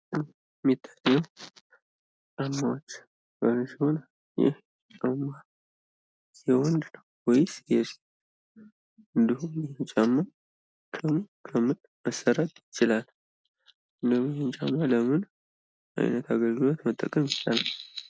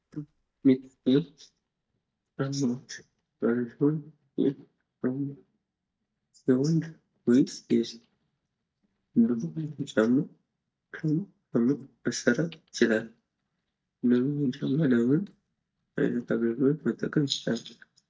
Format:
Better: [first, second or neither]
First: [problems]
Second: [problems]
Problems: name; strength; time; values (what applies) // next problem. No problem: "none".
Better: first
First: none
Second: noise reduction (neural mask model DeepFilterNet 3)